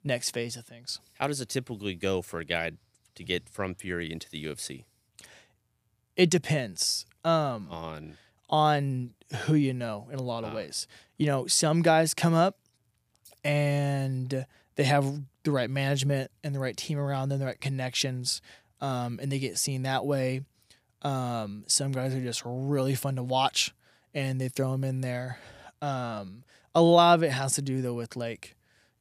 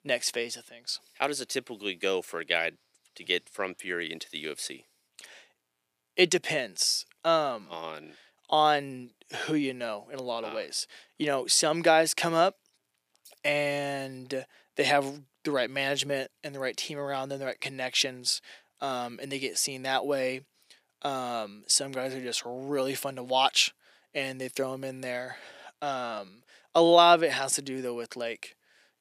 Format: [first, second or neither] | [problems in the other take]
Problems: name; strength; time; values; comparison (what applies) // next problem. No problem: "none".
first | thin; somewhat; fading below 350 Hz